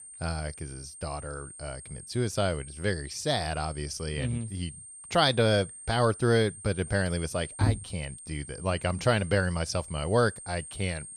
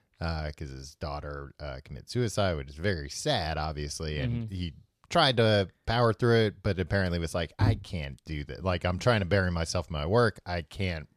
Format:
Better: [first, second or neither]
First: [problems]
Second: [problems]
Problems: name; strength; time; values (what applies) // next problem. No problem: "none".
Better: second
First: high-pitched whine; noticeable; throughout; 8.5 kHz, 15 dB below the speech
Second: none